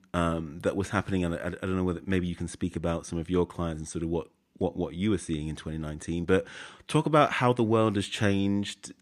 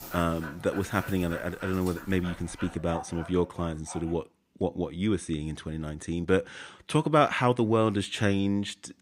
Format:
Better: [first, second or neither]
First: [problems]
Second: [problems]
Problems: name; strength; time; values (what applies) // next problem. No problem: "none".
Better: first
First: none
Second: animal sounds; noticeable; until 4 s; 15 dB below the speech